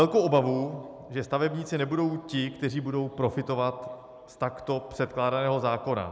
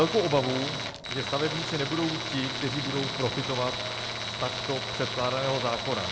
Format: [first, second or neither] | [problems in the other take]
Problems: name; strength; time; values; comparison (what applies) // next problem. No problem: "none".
first | background sound (Tools); 3 dB below the speech